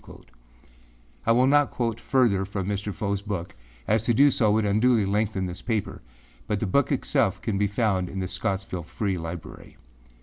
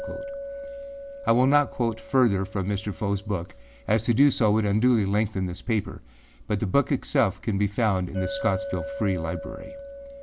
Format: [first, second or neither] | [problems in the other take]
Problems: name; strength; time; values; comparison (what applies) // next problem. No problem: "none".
first | background sound (Chink, clink); 14 dB below the speech